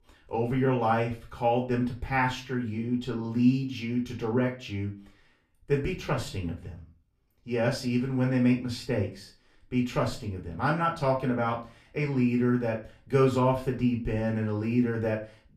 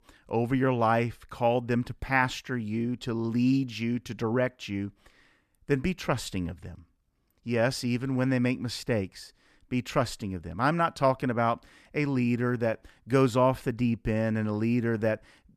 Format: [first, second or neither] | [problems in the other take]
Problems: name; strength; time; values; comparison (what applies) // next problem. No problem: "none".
second | off-mic speech; somewhat distant // room echo; very slight; dies away in 0.3 s